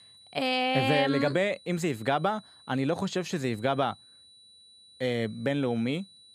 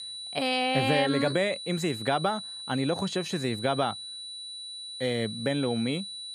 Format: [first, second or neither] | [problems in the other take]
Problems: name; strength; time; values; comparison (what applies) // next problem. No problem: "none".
first | high-pitched whine; loud; throughout; 4 kHz, 8 dB below the speech; faint in the first